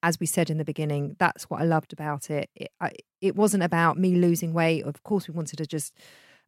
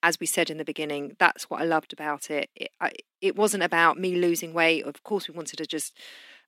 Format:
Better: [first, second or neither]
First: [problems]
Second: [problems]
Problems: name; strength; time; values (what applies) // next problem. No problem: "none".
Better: first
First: none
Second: thin; somewhat; fading below 250 Hz